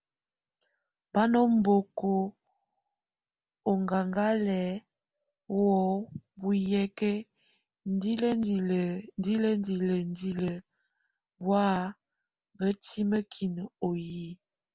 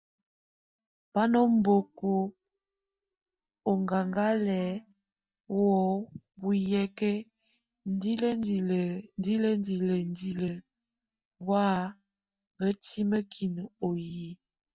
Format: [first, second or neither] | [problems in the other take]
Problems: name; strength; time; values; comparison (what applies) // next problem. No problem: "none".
first | noise reduction (neural mask model DeepFilterNet 3)